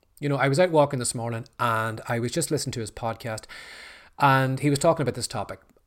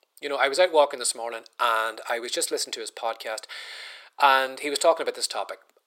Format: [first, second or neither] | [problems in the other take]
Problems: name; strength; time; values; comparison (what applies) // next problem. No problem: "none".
first | thin; very; fading below 400 Hz